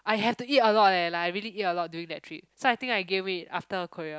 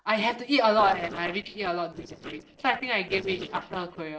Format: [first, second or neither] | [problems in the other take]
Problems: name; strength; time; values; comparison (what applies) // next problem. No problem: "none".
first | noise reduction (neural separator model SepFormer DNS4)